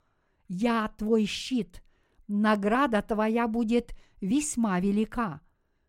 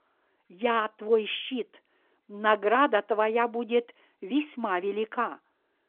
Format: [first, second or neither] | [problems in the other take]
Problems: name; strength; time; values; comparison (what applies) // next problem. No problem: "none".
first | phone-call audio; nothing above 3.5 kHz